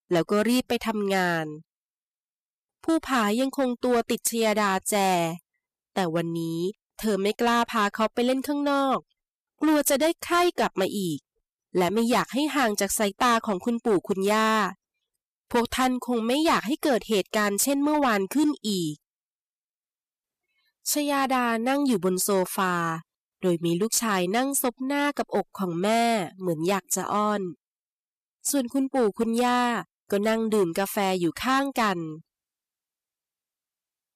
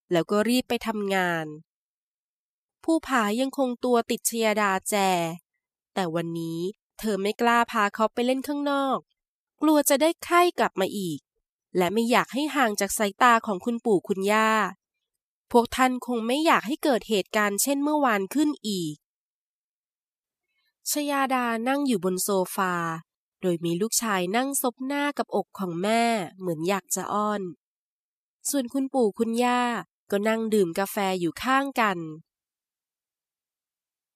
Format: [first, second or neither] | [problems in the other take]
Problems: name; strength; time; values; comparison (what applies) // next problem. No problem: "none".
second | distortion; slight; 6% of the sound clipped